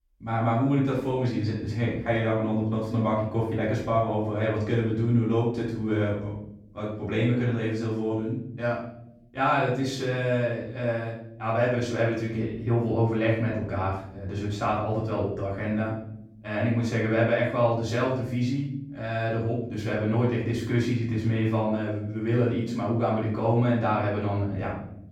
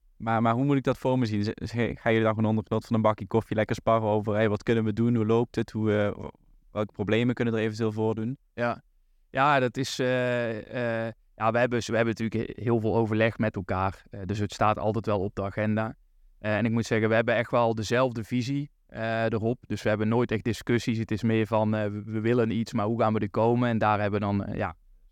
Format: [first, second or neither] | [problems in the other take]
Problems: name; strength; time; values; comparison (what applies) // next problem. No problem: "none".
second | off-mic speech; far // room echo; noticeable; dies away in 0.7 s